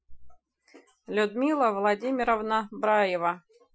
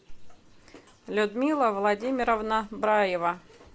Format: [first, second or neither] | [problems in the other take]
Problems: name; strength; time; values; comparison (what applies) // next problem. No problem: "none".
second | noise reduction (classical method Wiener filter)